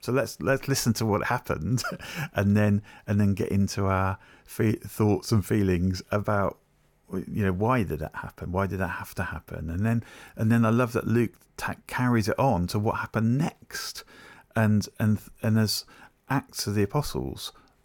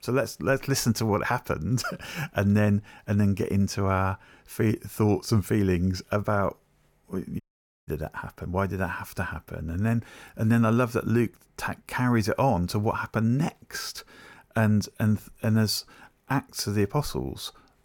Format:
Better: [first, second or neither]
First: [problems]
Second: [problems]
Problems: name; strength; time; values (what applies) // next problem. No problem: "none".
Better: first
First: none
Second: audio cutting out; at 7.5 s